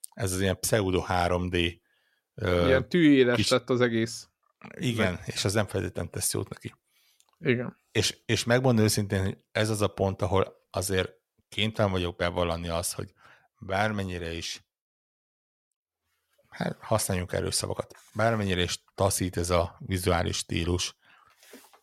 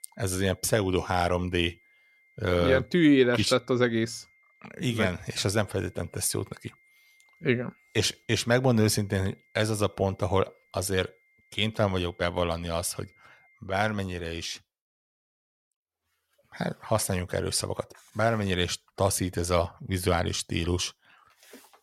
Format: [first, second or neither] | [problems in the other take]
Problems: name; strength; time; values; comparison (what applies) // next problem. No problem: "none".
first | high-pitched whine; faint; until 14 s; 2 kHz, 35 dB below the speech